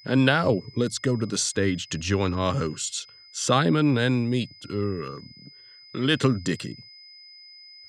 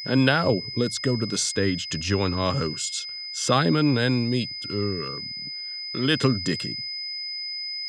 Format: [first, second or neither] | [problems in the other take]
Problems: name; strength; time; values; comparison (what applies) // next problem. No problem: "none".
first | high-pitched whine; loud; throughout; 5 kHz, 7 dB below the speech; faint in the first